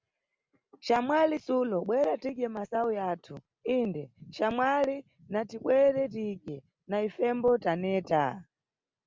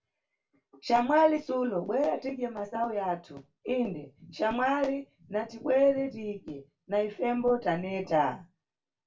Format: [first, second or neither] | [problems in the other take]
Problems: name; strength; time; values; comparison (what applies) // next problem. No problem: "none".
first | room echo; dies away in 0.2 s